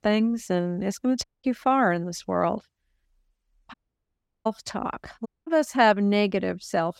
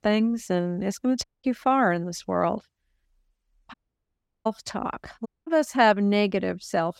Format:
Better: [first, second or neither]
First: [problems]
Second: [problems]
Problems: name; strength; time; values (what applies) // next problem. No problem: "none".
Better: neither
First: audio cutting out; at 1 s, at 3.5 s for 0.5 s and at 5.5 s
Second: audio cutting out; at 1 s, at 3.5 s for 0.5 s and at 5.5 s